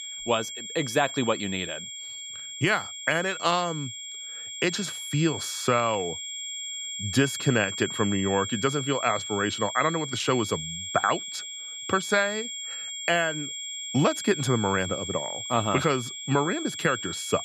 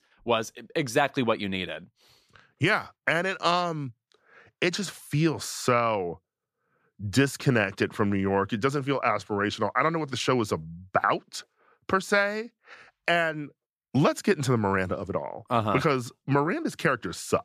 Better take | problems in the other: second | high-pitched whine; loud; throughout; 3.5 kHz, 6 dB below the speech

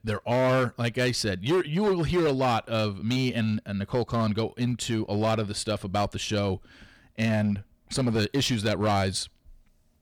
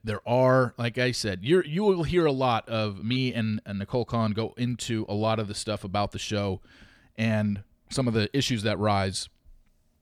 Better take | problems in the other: second | distortion; slight; 9% of the sound clipped

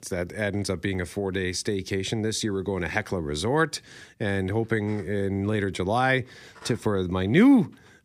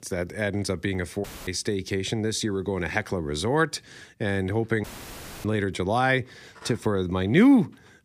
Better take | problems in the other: first | audio cutting out; filled with static; at 1 s and at 5 s for 0.5 s

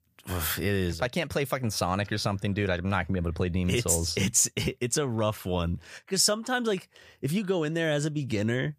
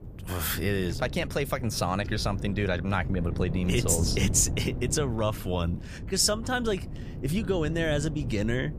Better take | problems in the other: first | wind noise on the microphone; occasional gusts; 15 dB below the speech

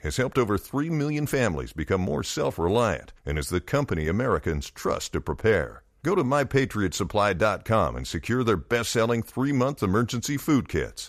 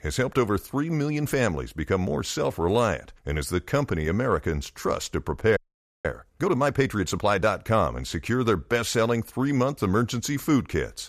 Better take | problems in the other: first | audio freezing; at 5.5 s

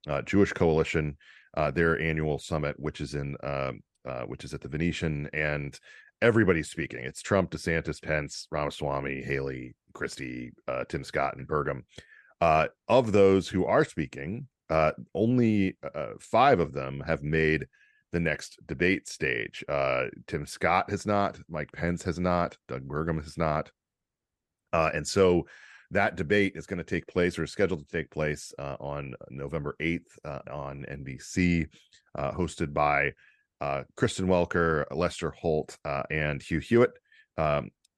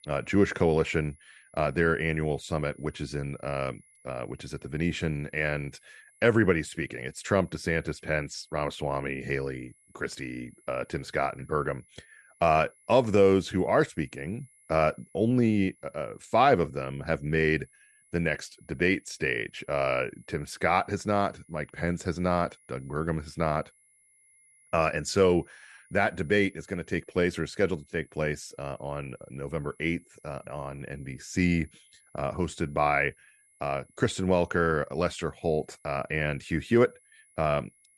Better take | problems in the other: first | high-pitched whine; faint; throughout; 10.5 kHz, 30 dB below the speech

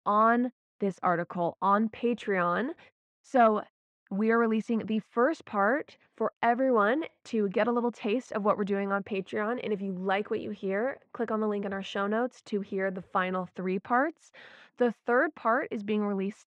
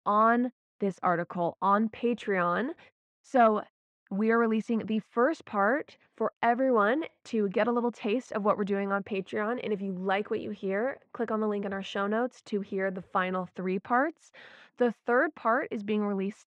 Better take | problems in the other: neither | muffled; very; fading above 2 kHz; the same in both

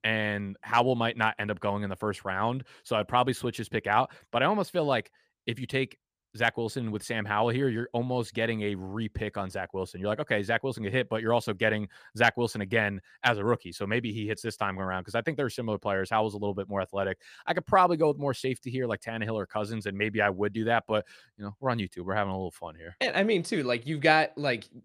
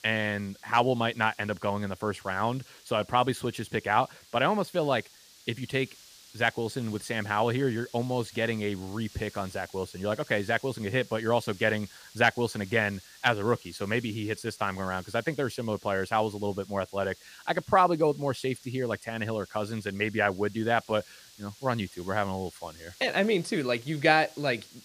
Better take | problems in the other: first | hiss; faint; throughout; 20 dB below the speech

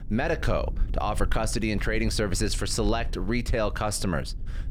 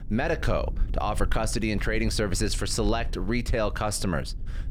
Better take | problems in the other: neither | low rumble; faint; throughout; 25 dB below the speech; the same in both

